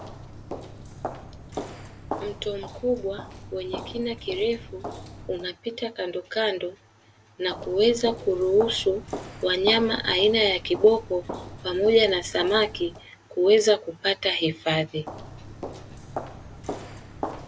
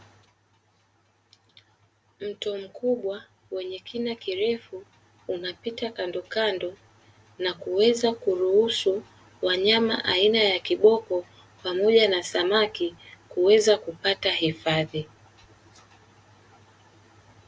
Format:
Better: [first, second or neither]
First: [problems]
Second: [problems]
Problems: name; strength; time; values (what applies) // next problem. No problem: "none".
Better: second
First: background sound (Walk, footsteps); 13 dB below the speech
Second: none